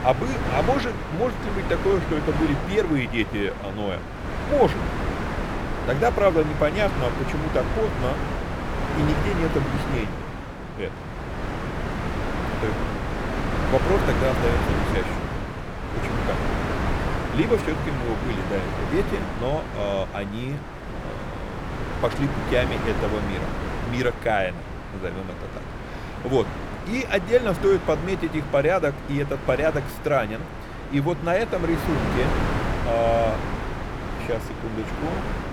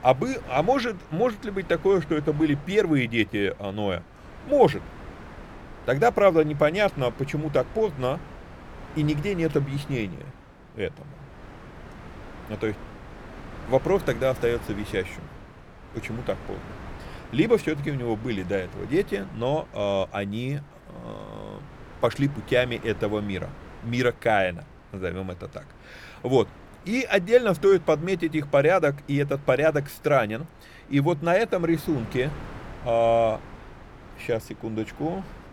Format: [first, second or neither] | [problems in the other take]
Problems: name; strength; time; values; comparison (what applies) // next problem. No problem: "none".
second | wind noise on the microphone; heavy; 4 dB below the speech; occasional gusts in the second